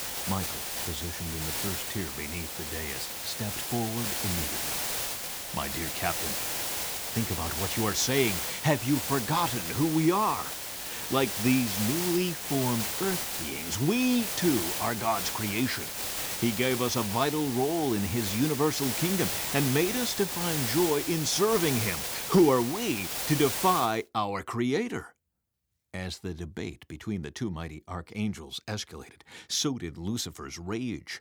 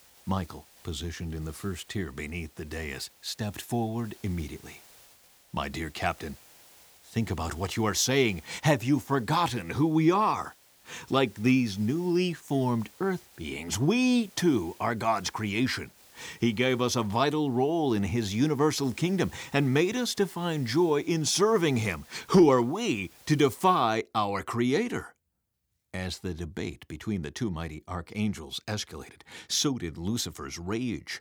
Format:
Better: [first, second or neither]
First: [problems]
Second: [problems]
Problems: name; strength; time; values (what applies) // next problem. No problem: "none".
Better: second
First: hiss; loud; until 24 s; 2 dB below the speech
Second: hiss; faint; until 24 s; 25 dB below the speech